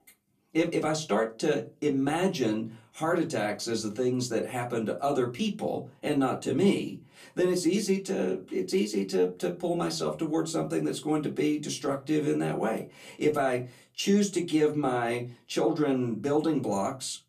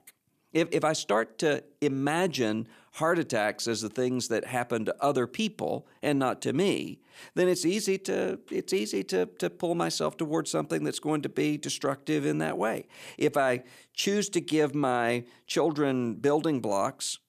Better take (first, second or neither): second